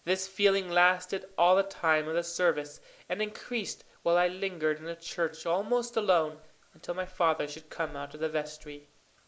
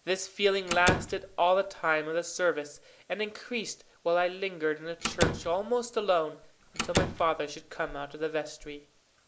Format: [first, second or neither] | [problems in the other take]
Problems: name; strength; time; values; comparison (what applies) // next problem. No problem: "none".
first | background sound (Slam); 3 dB below the speech